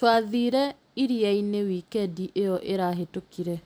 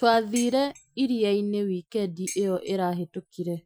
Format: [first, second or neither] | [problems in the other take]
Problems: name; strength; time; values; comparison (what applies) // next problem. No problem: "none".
first | noise reduction (classical method Wiener filter)